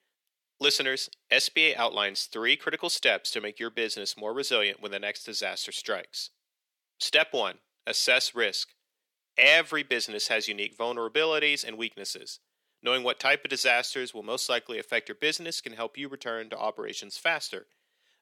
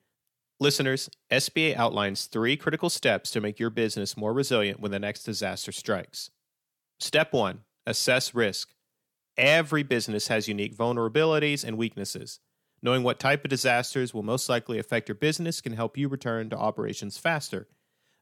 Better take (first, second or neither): second